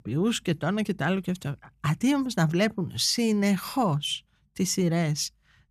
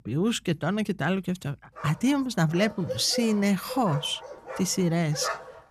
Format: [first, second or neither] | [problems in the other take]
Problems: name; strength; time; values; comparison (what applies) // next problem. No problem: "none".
first | dog barking; noticeable; from 2 s on; peak 6 dB below the speech